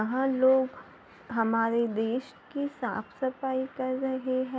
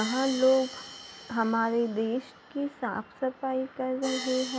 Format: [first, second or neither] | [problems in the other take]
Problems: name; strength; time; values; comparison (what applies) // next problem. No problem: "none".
first | background sound (Hi-hat); 13 dB below the speech